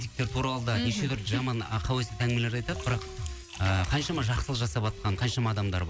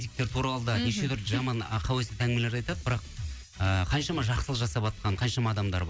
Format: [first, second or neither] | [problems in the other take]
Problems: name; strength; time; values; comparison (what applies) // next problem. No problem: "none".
second | background sound (Splash, splatter + Dog); 18 dB below the speech